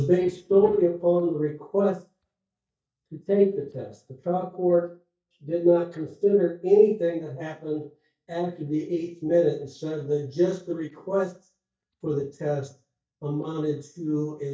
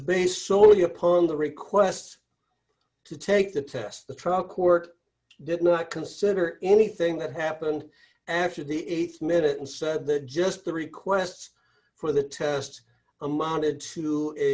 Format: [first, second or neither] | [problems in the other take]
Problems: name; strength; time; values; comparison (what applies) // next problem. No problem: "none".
second | noise reduction (neural mask model DeepFilterNet 3)